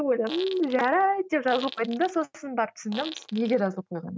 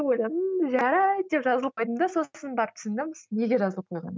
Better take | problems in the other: second | background sound (Fart); 16 dB below the speech

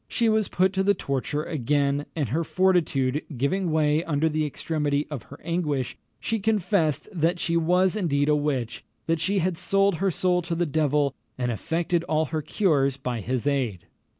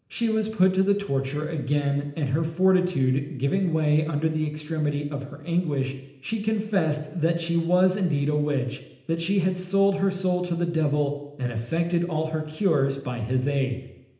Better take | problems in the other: first | room echo; dies away in 0.8 s

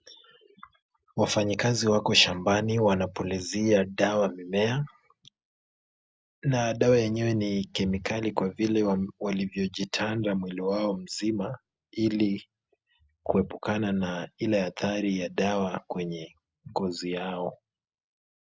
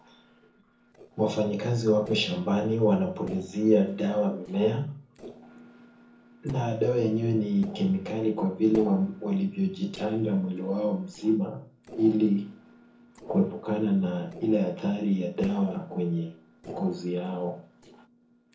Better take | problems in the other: first | noise reduction (neural separator model SepFormer DNS4)

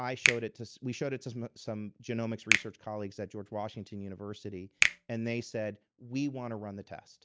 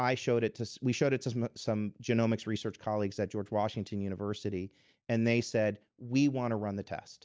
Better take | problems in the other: second | background sound (Finger snapping); 2 dB above the speech

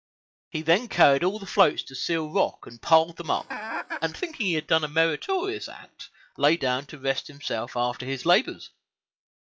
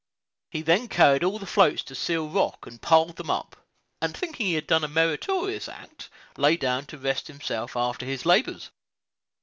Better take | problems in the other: second | noise reduction (classical method log-MMSE)

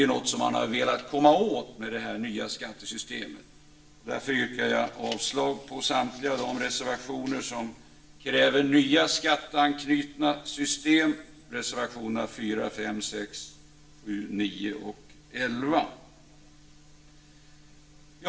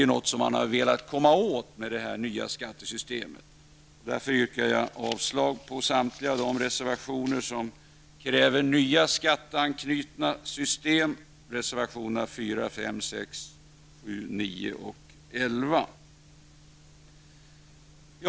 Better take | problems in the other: second | room echo; dies away in 0.7 s

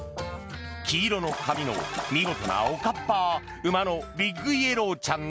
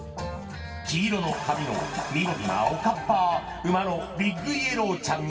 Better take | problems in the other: first | room echo; dies away in 2.8 s

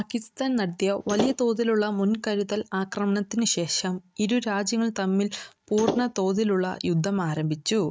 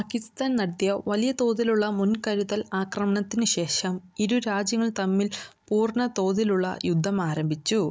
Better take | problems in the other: second | noise reduction (neural mask model RNNoise)

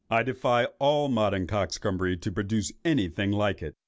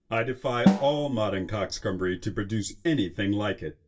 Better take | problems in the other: first | background sound (Snare drum); 3 dB below the speech // room echo; dies away in 0.1 s

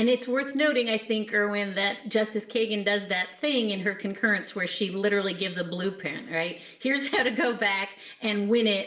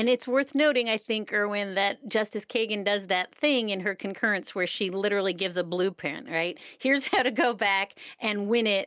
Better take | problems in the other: second | room echo; dies away in 0.5 s

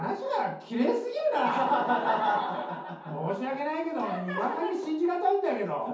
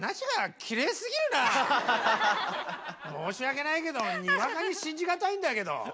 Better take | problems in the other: second | room echo; dies away in 0.6 s

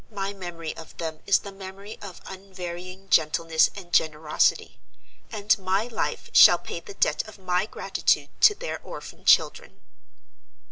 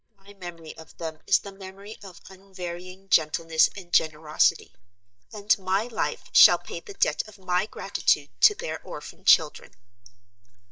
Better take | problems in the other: first | noise reduction (neural mask model DeepFilterNet 3)

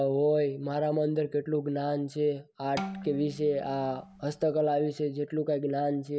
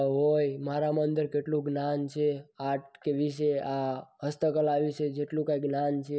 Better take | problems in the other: second | background sound (Bowed string instrument); 12 dB below the speech

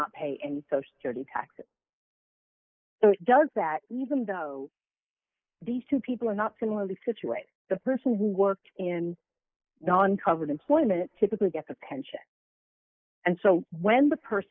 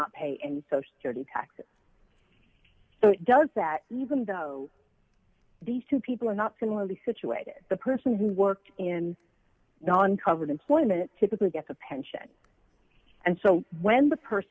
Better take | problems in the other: second | noise reduction (neural mask model Resemble Enhance denoiser)

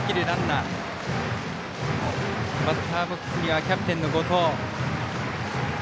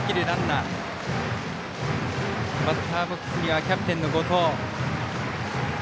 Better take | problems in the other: second | background sound (Breathing); 17 dB below the speech

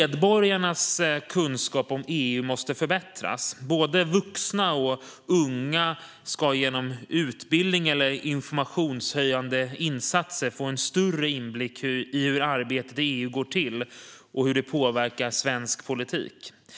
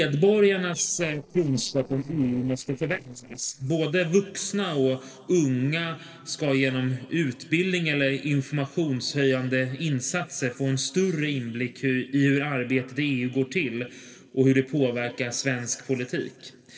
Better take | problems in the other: first | noise reduction (neural separator model SepFormer DNS4)

